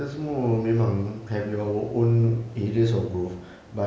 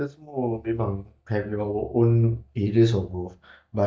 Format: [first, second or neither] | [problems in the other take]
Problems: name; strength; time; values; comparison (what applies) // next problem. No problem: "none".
first | noise reduction (neural mask model DeepFilterNet 3)